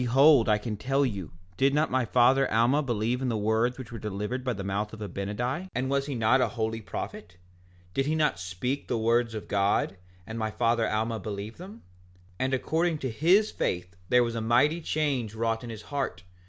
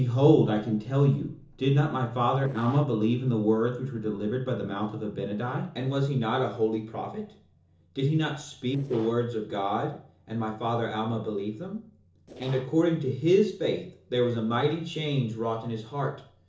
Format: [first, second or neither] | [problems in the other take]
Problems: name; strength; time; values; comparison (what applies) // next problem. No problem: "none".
first | noise reduction (neural separator model SepFormer DNS4)